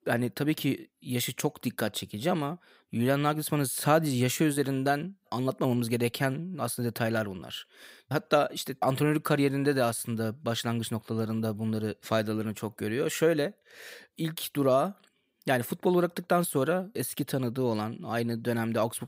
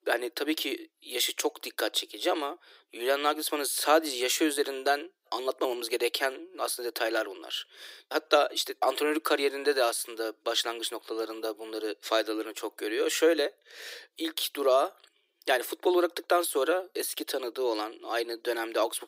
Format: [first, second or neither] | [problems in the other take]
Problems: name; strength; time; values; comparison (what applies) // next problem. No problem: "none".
first | thin; very; fading below 300 Hz